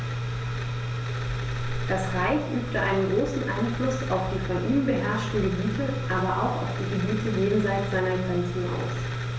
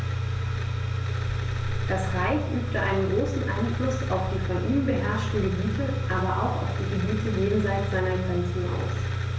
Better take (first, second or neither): first